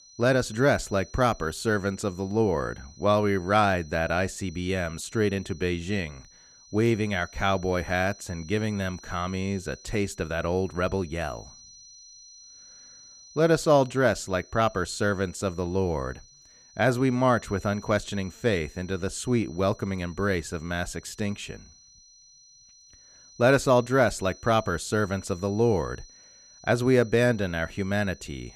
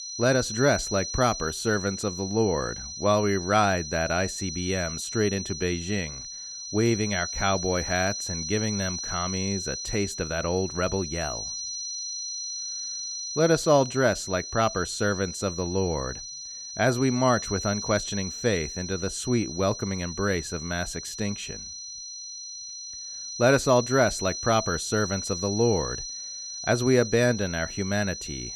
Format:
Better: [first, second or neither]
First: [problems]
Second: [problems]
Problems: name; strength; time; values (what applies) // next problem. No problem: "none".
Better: first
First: high-pitched whine; faint; throughout; 6 kHz, 25 dB below the speech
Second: high-pitched whine; loud; throughout; 6 kHz, 7 dB below the speech